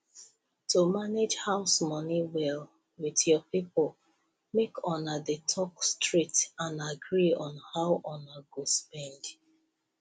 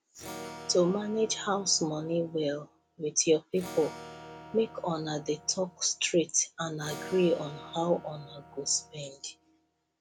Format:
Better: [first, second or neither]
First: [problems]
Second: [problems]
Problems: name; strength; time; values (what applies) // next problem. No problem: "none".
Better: first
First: none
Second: background sound (Acoustic guitar / Strum); 16 dB below the speech